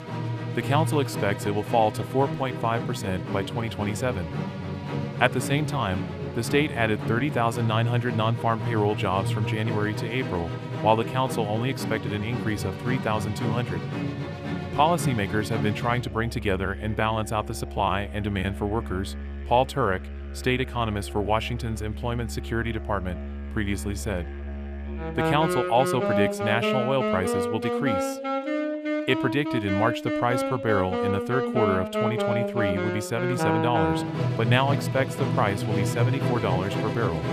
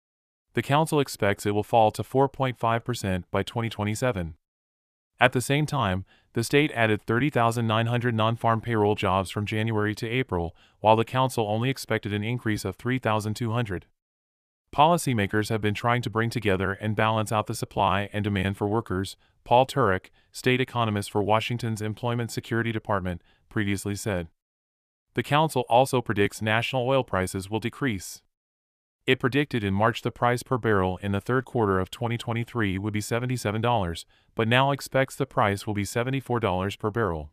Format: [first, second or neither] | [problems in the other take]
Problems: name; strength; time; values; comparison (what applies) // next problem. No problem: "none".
second | background music; loud; throughout; 3 dB below the speech